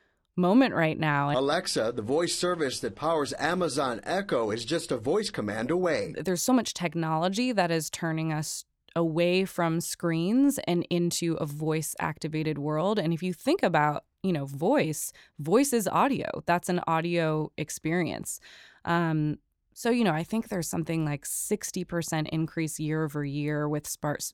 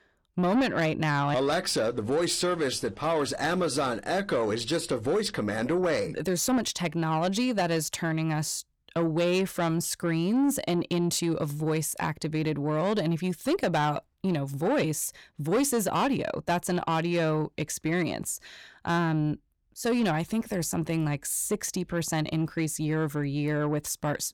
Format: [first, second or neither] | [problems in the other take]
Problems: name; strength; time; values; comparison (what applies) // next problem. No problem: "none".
first | distortion; slight; 10 dB below the speech